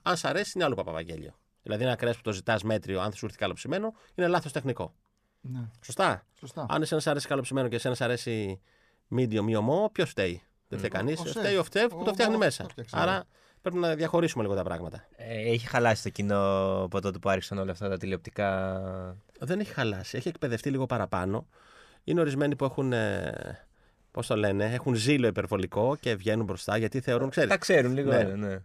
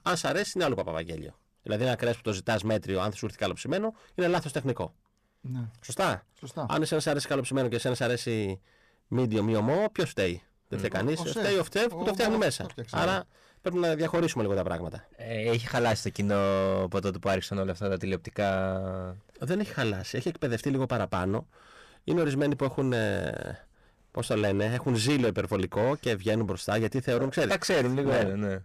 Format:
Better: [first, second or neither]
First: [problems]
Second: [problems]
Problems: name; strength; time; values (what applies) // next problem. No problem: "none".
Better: first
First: none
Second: distortion; slight; 8% of the sound clipped